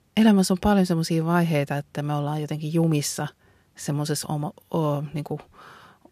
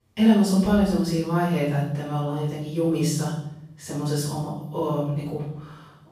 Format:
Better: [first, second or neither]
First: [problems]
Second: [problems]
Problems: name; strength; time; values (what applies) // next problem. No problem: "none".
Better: first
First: none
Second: room echo; strong; dies away in 0.7 s // off-mic speech; far